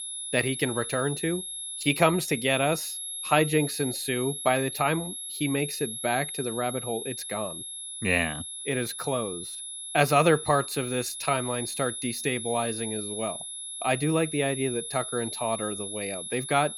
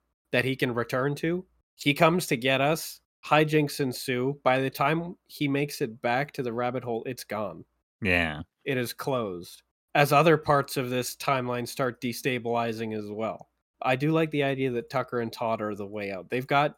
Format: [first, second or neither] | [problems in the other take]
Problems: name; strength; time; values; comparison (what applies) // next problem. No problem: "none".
second | high-pitched whine; loud; throughout; 11 kHz, 6 dB below the speech